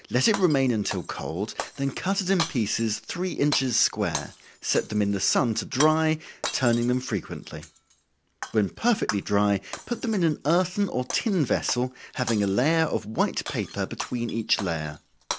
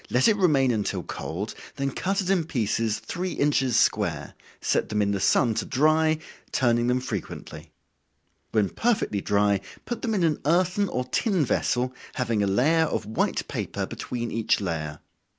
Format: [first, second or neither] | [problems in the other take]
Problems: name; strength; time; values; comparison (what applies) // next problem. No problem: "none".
second | background sound (Shatter); 13 dB below the speech